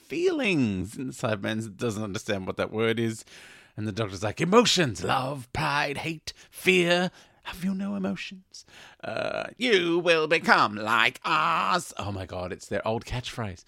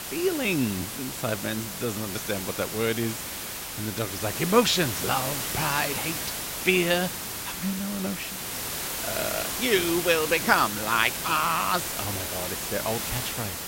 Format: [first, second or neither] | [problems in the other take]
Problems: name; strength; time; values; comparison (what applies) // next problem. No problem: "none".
first | hiss; loud; throughout; 3 dB below the speech